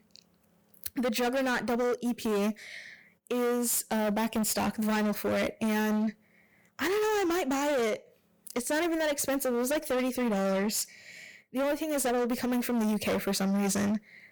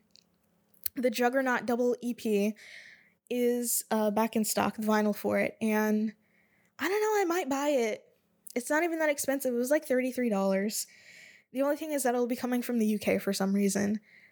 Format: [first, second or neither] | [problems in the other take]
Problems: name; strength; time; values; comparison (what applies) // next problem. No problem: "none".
second | distortion; heavy; 26% of the sound clipped